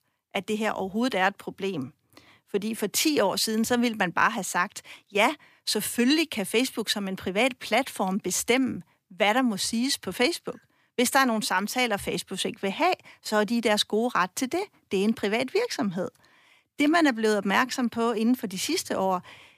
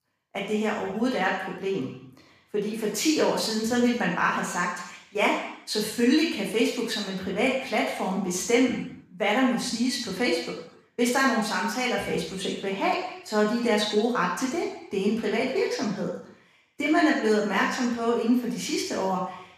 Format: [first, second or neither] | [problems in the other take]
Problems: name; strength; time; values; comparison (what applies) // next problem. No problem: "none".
first | room echo; noticeable; dies away in 0.7 s // off-mic speech; far